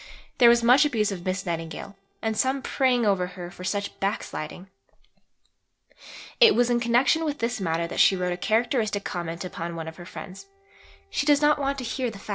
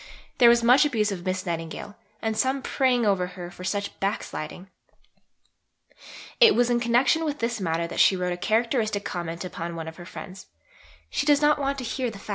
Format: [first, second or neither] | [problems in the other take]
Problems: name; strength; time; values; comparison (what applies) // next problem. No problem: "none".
second | noise reduction (neural separator model SepFormer DNS4)